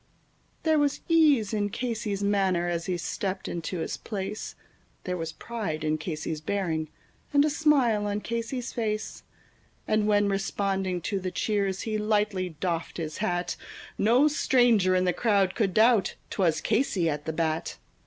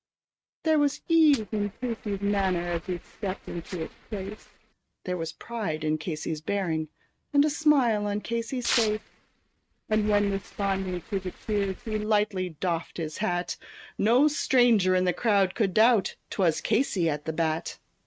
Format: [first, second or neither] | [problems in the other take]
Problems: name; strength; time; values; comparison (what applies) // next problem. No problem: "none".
first | noise reduction (neural mask model RNNoise)